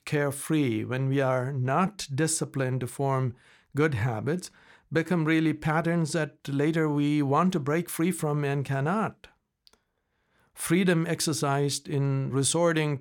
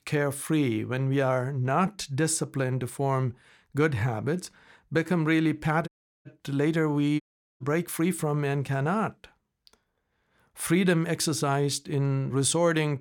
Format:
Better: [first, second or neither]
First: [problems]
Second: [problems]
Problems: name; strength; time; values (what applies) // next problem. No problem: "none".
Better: first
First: none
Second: audio cutting out; at 6 s and at 7 s